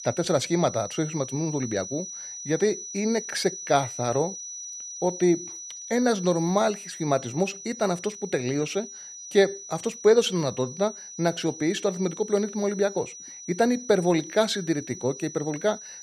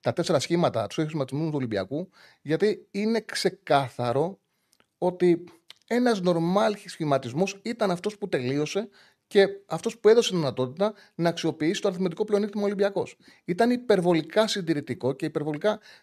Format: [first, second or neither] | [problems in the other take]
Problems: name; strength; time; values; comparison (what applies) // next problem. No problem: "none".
second | high-pitched whine; noticeable; throughout; 6 kHz, 10 dB below the speech